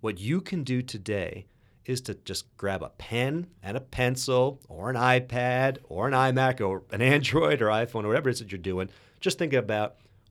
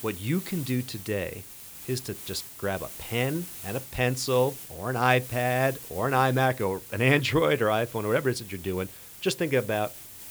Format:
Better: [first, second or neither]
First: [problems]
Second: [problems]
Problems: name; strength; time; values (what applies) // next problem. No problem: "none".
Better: first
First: none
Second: hiss; noticeable; throughout; 15 dB below the speech